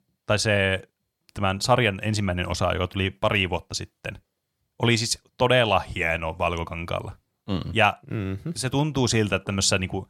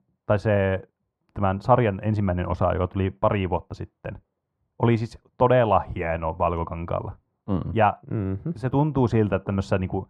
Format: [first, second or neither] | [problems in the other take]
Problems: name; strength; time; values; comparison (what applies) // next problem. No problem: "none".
first | muffled; very; fading above 2.5 kHz